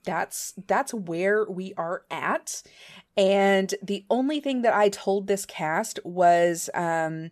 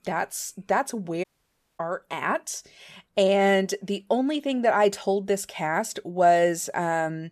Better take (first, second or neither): first